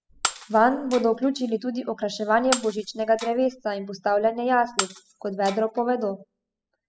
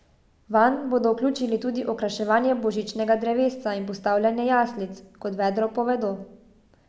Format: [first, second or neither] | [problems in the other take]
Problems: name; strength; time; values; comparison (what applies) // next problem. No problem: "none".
second | noise reduction (classical method spectral subtraction)